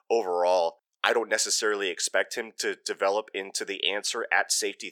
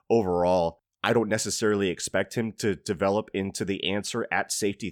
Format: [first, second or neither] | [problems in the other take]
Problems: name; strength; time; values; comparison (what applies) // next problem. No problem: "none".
second | thin; very; fading below 450 Hz